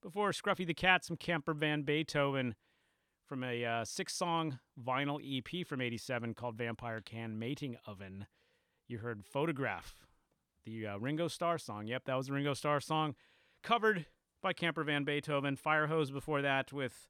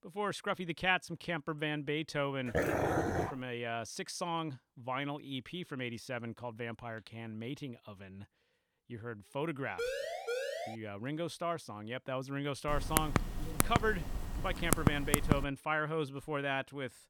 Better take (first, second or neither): first